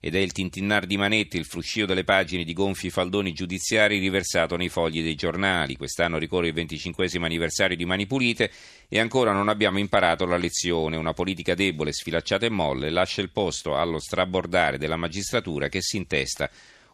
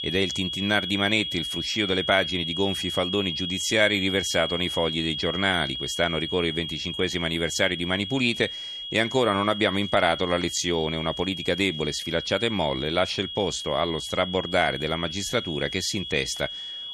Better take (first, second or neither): first